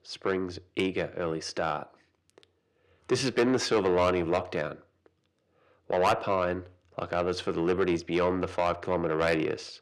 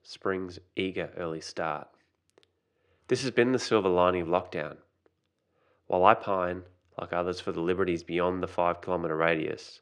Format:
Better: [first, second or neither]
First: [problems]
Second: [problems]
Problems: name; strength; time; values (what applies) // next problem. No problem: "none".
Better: second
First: distortion; heavy; 8 dB below the speech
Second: none